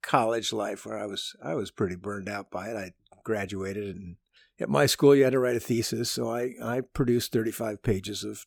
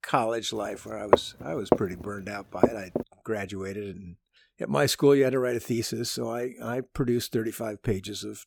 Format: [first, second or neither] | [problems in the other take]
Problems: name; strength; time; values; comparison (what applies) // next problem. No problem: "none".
first | footsteps; loud; from 1 to 3 s; peak 5 dB above the speech